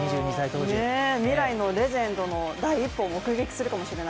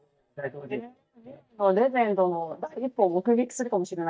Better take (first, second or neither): first